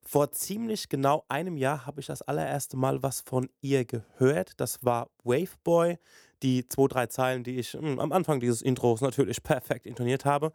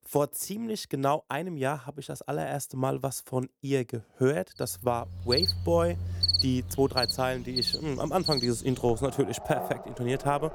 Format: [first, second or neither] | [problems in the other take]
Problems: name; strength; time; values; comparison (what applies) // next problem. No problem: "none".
first | animal sounds; very loud; from 5 s on; 1 dB above the speech